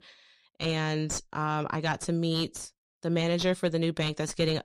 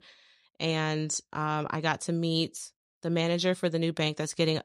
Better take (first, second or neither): second